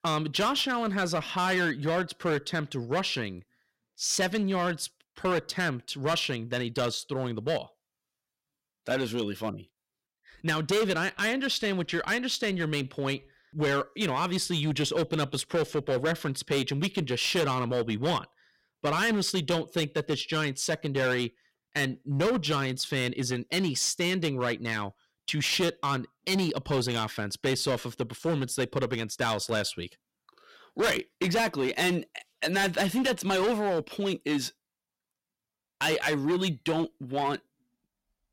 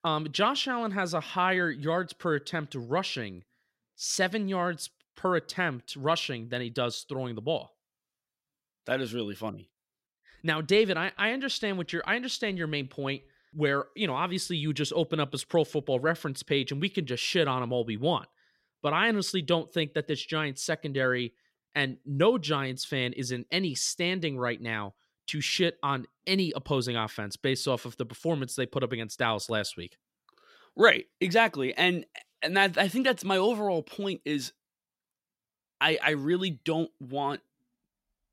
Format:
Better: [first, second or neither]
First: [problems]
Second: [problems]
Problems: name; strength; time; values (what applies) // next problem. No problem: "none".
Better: second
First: distortion; heavy; 10% of the sound clipped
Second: none